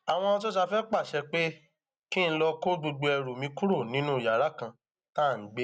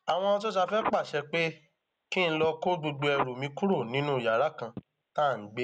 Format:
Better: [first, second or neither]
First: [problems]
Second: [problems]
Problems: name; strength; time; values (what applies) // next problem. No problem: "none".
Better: first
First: none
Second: background sound (Telephone); 12 dB below the speech